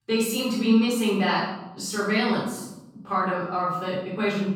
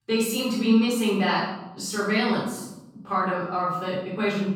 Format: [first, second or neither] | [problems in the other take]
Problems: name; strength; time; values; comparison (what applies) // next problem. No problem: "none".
neither | off-mic speech; far; the same in both // room echo; noticeable; dies away in 1 s; the same in both